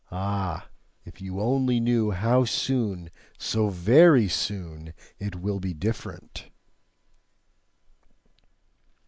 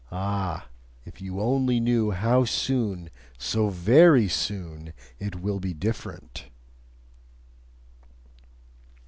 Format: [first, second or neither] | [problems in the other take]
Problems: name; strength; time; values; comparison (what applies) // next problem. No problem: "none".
second | noise reduction (neural mask model Resemble Enhance denoiser)